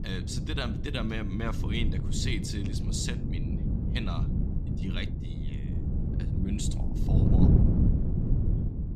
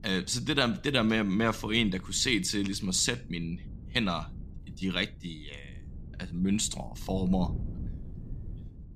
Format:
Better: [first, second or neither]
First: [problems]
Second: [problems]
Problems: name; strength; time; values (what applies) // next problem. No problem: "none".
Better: second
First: wind noise on the microphone; heavy; 2 dB below the speech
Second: wind noise on the microphone; occasional gusts; 25 dB below the speech